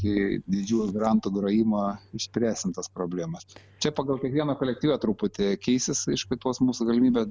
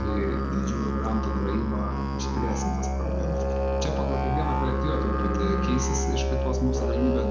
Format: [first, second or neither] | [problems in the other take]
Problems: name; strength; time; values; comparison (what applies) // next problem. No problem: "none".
first | background sound (Musical instrument); 4 dB above the speech // room echo; dies away in 0.7 s